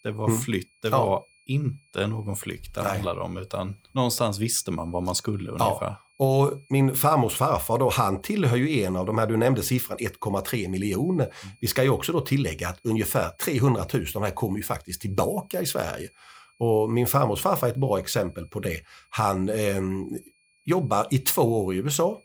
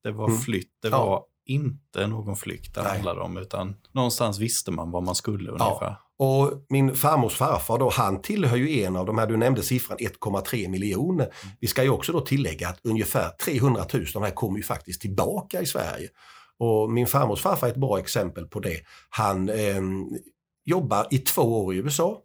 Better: second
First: high-pitched whine; faint; throughout; 2.5 kHz, 35 dB below the speech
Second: none

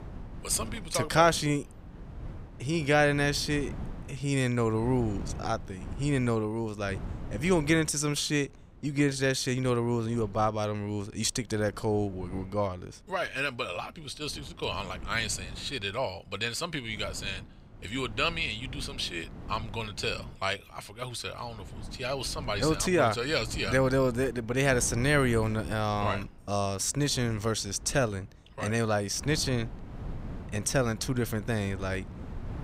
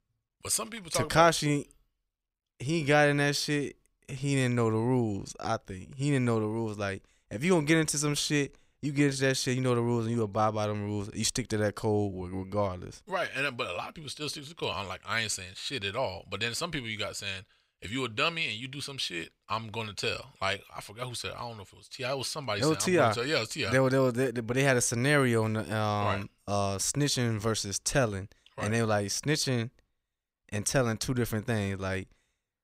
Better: second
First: wind noise on the microphone; occasional gusts; 20 dB below the speech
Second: none

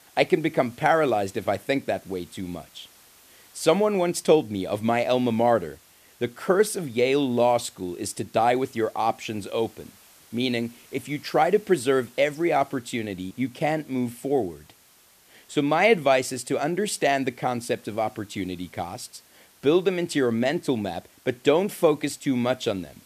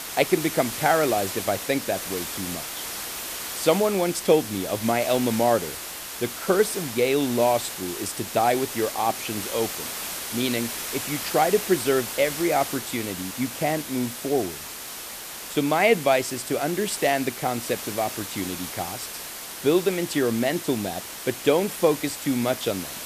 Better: first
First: hiss; faint; throughout; 30 dB below the speech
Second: hiss; loud; throughout; 7 dB below the speech

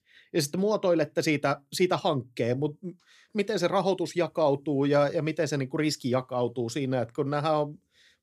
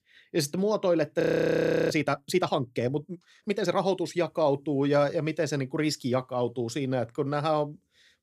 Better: first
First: none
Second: audio freezing; at 1 s for 0.5 s

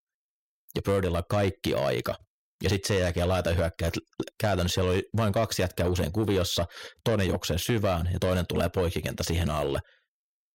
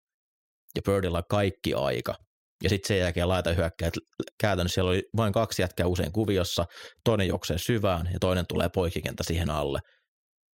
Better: second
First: distortion; slight; 10 dB below the speech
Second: none

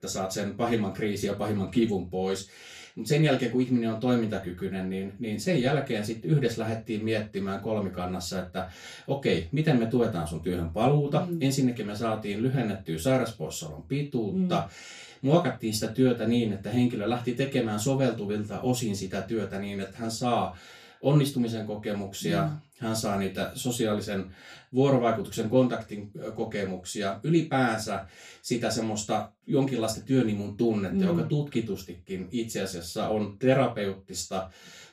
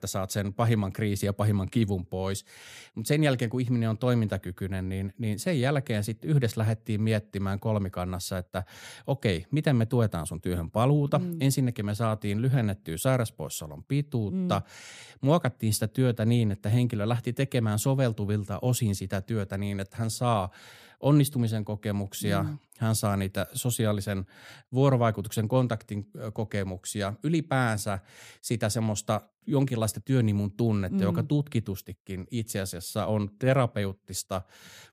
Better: second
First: room echo; slight; dies away in 0.2 s // off-mic speech; far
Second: none

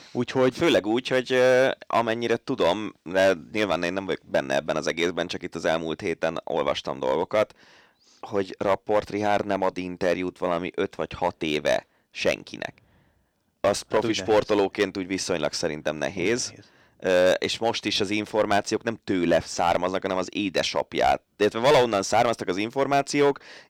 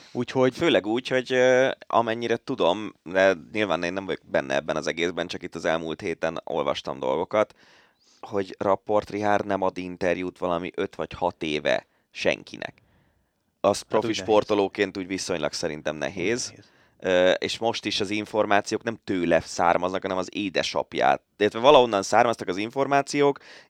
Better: second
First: distortion; slight; 3% of the sound clipped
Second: none

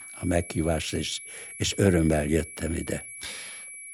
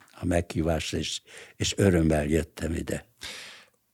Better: second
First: high-pitched whine; noticeable; throughout; 2.5 kHz, 10 dB below the speech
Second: none

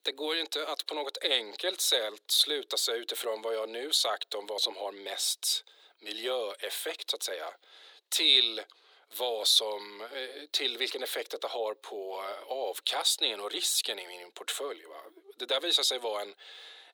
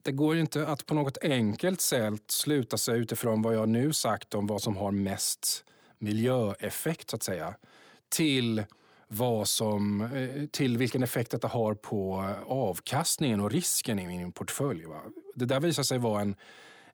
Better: second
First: thin; very; fading below 400 Hz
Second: none

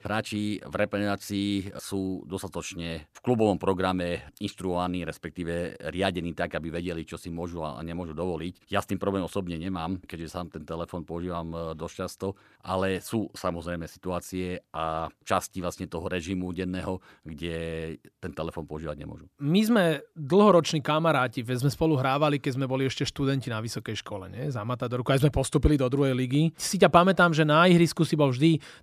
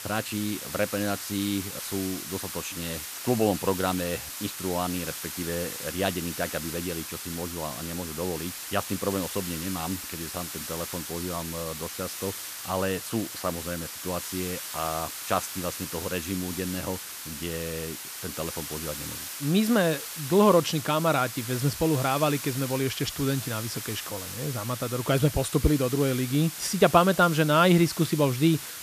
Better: first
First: none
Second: hiss; loud; throughout; 7 dB below the speech

